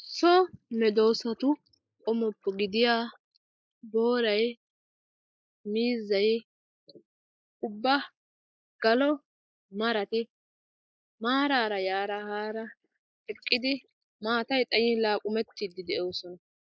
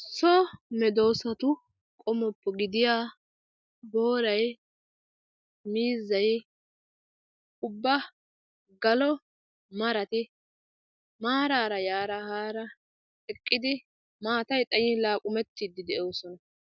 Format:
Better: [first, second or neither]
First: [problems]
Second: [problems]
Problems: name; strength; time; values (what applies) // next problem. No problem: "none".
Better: second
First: noise reduction (neural mask model Resemble Enhance denoiser)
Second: none